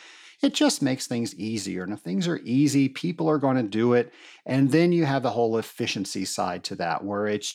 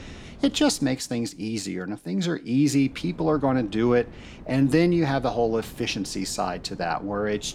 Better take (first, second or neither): first